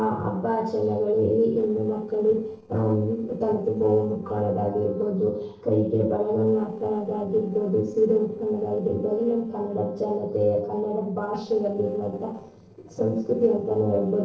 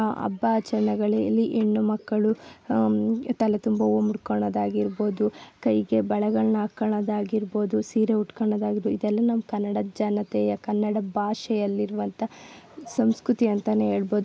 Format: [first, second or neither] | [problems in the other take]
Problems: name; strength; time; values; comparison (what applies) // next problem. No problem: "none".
second | noise reduction (neural separator model SepFormer DNS4)